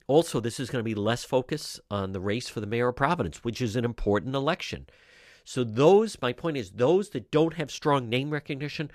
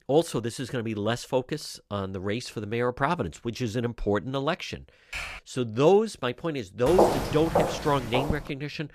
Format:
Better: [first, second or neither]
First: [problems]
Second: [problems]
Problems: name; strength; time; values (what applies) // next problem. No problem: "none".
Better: first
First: none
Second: keyboard typing; noticeable; at 5 s; peak 7 dB below the speech // footsteps; loud; from 7 to 8.5 s; peak 5 dB above the speech